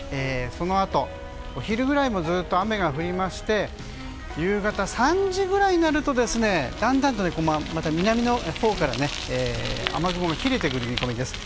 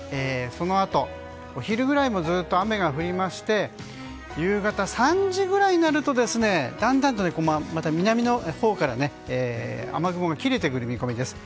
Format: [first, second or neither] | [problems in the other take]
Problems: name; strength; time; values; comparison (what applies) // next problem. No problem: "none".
second | background sound (Bicycle); 11 dB below the speech